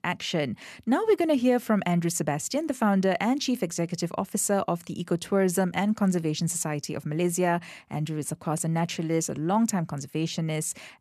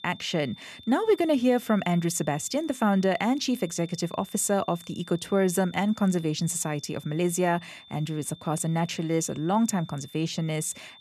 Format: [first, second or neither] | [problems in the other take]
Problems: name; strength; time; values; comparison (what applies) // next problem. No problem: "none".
first | high-pitched whine; faint; throughout; 3.5 kHz, 20 dB below the speech